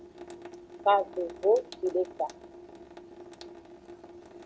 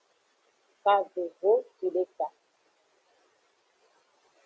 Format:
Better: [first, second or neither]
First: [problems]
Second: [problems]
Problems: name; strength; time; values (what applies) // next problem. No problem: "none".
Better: second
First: background sound (Sink (filling or washing) / Water tap, faucet); 15 dB below the speech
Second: none